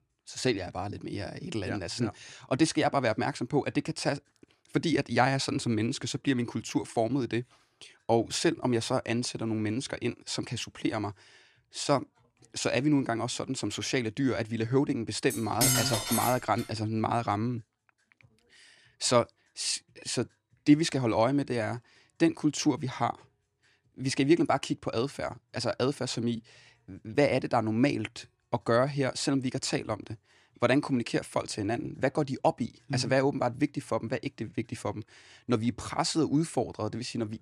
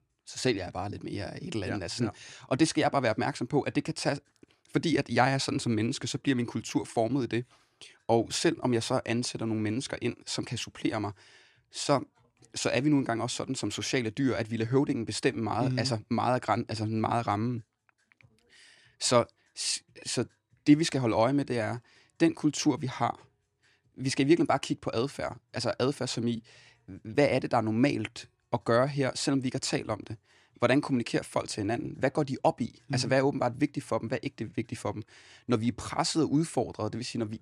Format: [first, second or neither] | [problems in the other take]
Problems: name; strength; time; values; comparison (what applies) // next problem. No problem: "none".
second | clattering dishes; loud; from 15 to 17 s; peak 5 dB above the speech